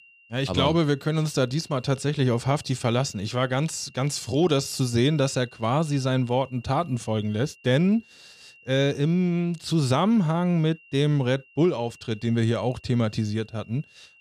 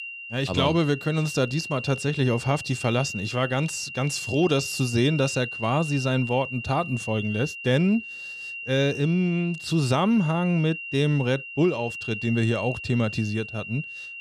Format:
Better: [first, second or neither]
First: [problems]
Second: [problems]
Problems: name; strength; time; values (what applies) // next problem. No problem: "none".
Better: first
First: high-pitched whine; faint; throughout; 3 kHz, 25 dB below the speech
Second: high-pitched whine; loud; throughout; 3 kHz, 9 dB below the speech